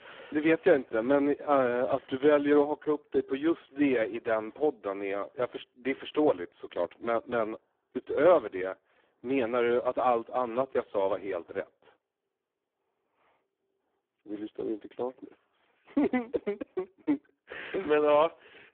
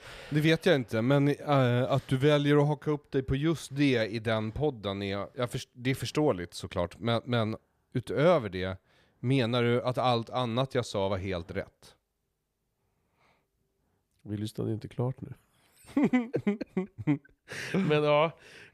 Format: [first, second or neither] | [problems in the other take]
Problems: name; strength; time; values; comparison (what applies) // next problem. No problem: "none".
second | phone-call audio; poor line